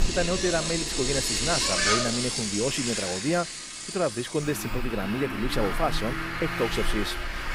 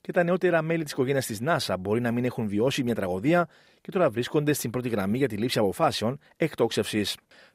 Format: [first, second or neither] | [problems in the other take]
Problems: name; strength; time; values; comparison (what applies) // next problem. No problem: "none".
second | traffic noise; very loud; throughout; 1 dB above the speech